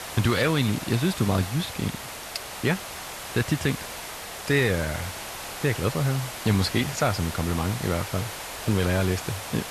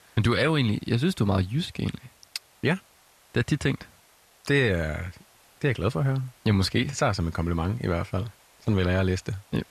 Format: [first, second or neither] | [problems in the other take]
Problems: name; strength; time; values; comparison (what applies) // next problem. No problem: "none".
second | hiss; loud; throughout; 8 dB below the speech; faint in the second